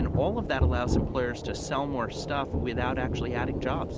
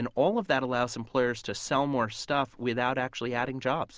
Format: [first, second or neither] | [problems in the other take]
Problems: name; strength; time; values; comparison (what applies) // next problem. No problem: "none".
second | background sound (Thunder / Rain); 2 dB above the speech